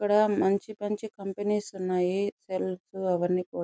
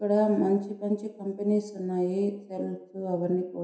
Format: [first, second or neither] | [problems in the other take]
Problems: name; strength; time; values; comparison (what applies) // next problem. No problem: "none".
first | room echo; dies away in 0.7 s